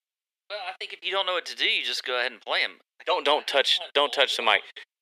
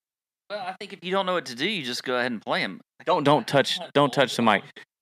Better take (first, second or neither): second